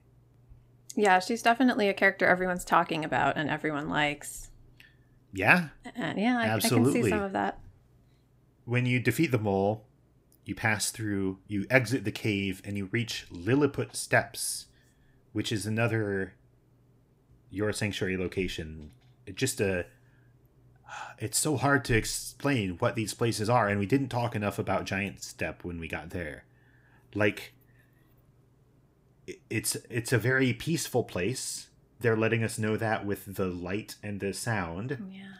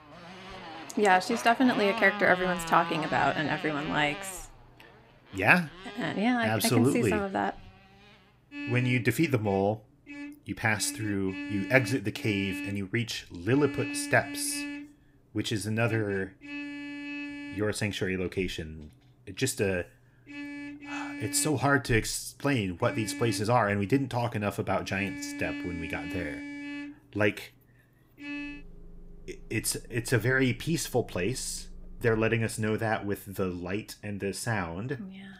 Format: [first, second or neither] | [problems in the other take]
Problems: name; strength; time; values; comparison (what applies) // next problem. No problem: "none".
first | traffic noise; noticeable; throughout; 10 dB below the speech